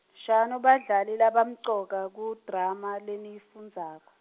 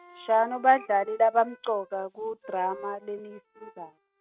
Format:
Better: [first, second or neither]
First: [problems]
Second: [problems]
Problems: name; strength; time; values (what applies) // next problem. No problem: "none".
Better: first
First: none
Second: noise reduction (neural mask model RNNoise)